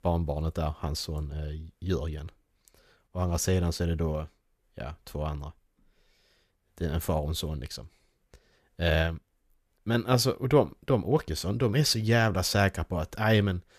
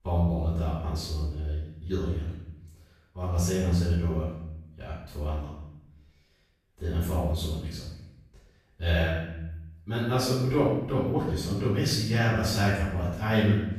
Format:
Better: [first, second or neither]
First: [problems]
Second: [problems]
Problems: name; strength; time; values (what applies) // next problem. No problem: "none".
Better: first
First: none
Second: off-mic speech; far // room echo; strong; dies away in 0.8 s